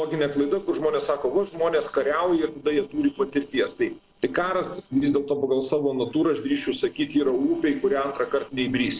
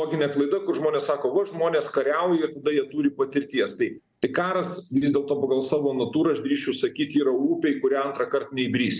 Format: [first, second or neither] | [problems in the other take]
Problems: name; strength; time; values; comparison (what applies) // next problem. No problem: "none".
second | noise reduction (neural separator model SepFormer DNS4)